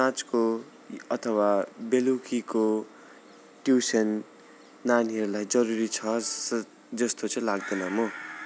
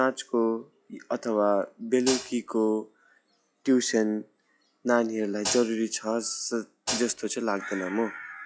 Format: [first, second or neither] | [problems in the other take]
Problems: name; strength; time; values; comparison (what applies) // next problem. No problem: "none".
first | noise reduction (classical method log-MMSE)